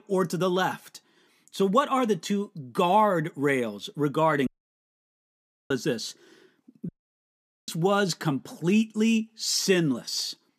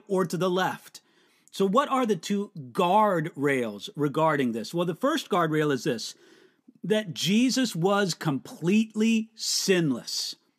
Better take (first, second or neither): second